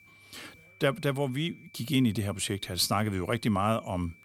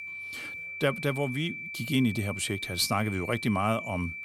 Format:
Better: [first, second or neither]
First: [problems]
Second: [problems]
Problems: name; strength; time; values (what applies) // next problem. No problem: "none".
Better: first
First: high-pitched whine; faint; throughout; 2.5 kHz, 25 dB below the speech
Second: high-pitched whine; loud; throughout; 2.5 kHz, 7 dB below the speech